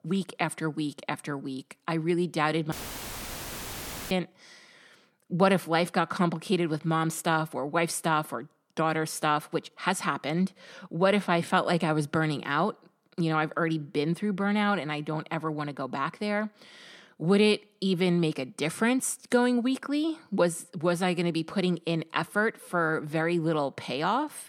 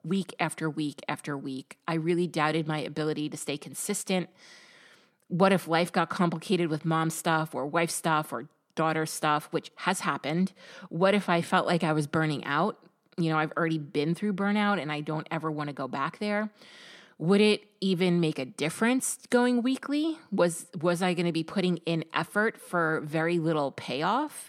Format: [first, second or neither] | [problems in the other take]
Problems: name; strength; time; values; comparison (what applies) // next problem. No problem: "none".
second | audio cutting out; filled with static; at 2.5 s for 1.5 s